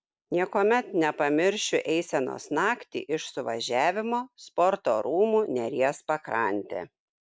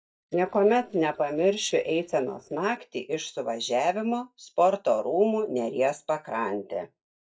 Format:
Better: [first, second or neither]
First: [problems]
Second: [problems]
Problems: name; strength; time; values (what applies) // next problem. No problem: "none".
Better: first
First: none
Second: noise reduction (neural mask model DeepFilterNet 3)